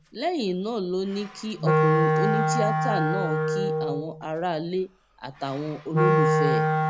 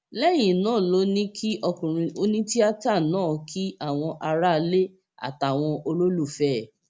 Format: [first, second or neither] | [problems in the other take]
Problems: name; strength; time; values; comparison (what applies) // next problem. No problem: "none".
second | background sound (Wind instrument, woodwind instrument); 5 dB above the speech